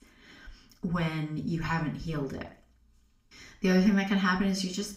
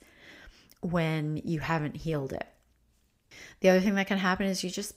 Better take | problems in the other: second | room echo; very slight; dies away in 0.4 s // off-mic speech; far

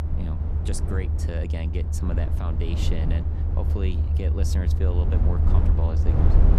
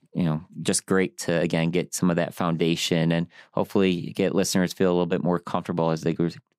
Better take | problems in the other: second | low rumble; loud; throughout; 1 dB below the speech

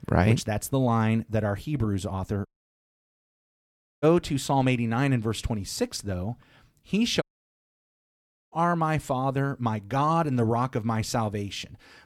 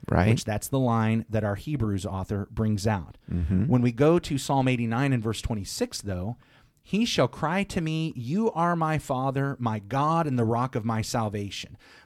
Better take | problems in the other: second | audio cutting out; at 2.5 s for 1.5 s and at 7 s for 1.5 s

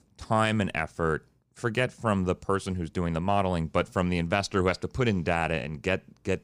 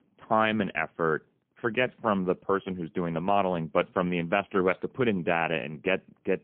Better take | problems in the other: first | phone-call audio; poor line

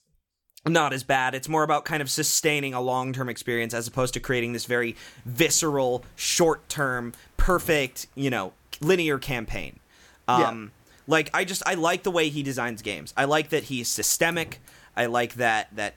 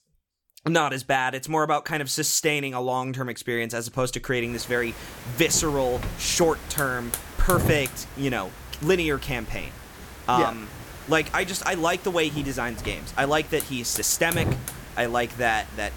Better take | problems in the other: first | hiss; loud; from 4.5 s on; 10 dB below the speech; faint in the first

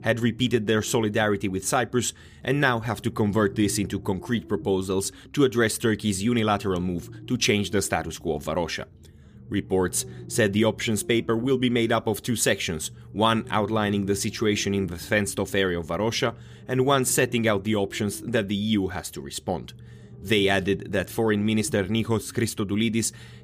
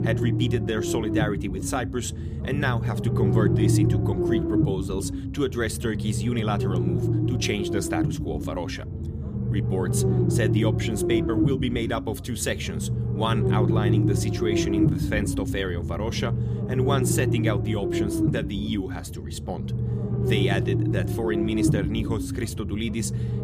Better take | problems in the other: first | low rumble; loud; throughout; 1 dB below the speech; faint in the first

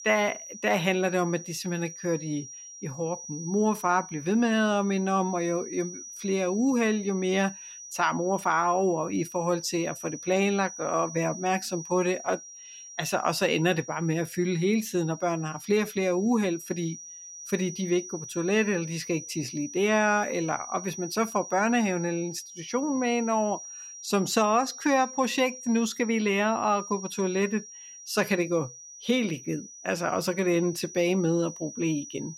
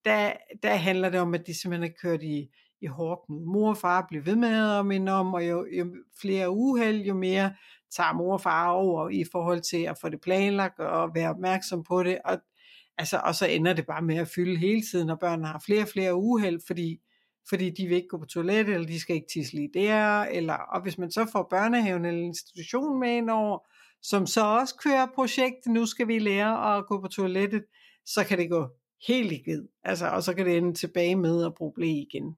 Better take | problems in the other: second | high-pitched whine; noticeable; throughout; 6 kHz, 15 dB below the speech

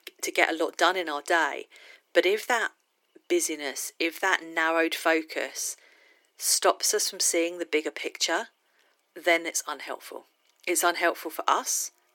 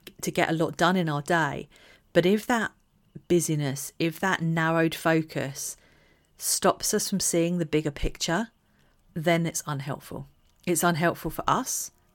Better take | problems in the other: second | thin; very; fading below 350 Hz

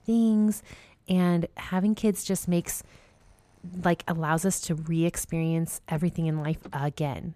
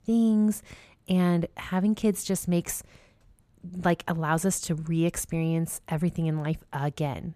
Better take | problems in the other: second | traffic noise; faint; throughout; 30 dB below the speech

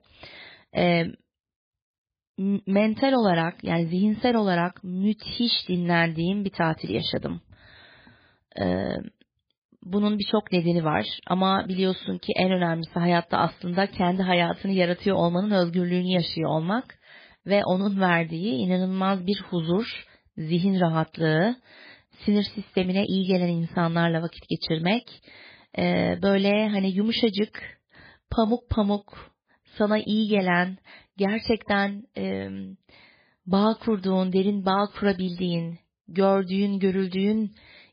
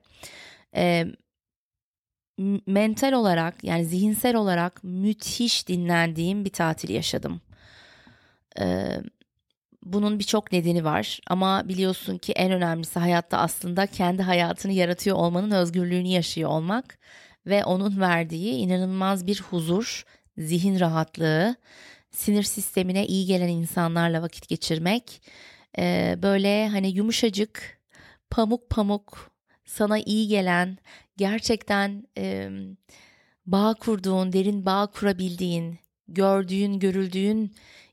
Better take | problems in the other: second | garbled, watery; badly; nothing above 4.5 kHz

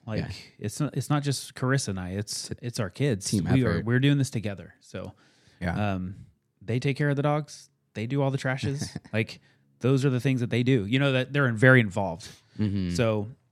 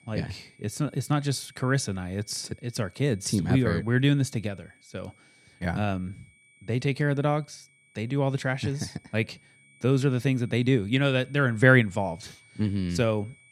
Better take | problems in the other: first | high-pitched whine; faint; throughout; 2.5 kHz, 30 dB below the speech

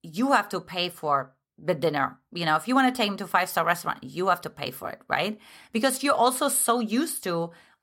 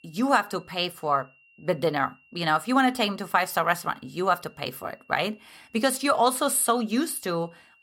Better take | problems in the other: first | high-pitched whine; faint; throughout; 3 kHz, 30 dB below the speech

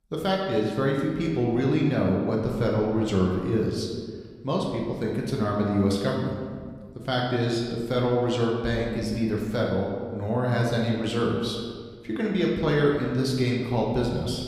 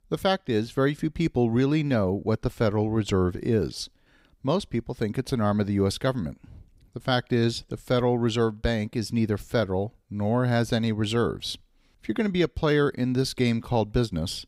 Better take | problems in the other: second | room echo; noticeable; dies away in 1.5 s // off-mic speech; somewhat distant

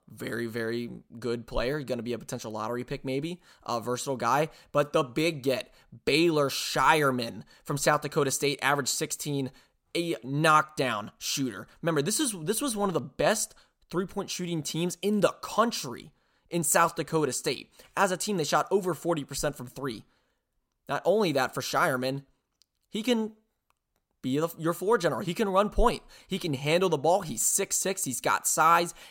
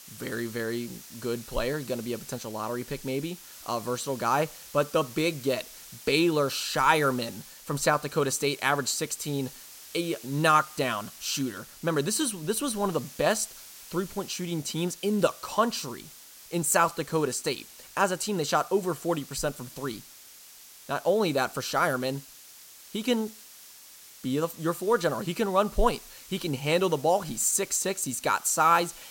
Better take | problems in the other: first | hiss; noticeable; throughout; 15 dB below the speech

